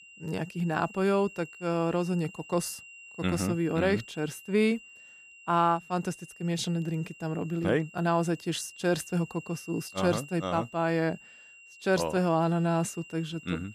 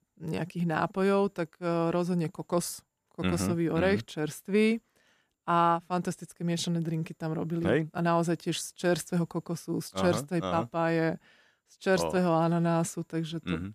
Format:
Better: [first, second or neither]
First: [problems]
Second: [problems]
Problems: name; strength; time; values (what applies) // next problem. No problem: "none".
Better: second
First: high-pitched whine; noticeable; throughout; 3 kHz, 20 dB below the speech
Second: none